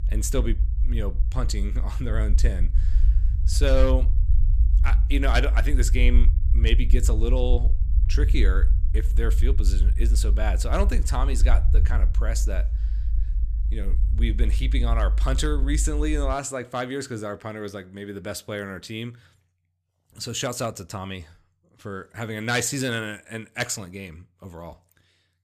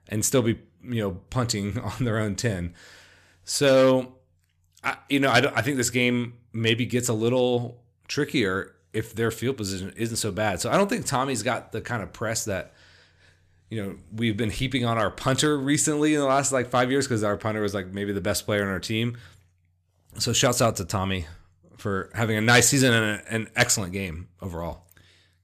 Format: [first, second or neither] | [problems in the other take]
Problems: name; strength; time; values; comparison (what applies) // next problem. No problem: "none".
second | low rumble; noticeable; until 16 s; 15 dB below the speech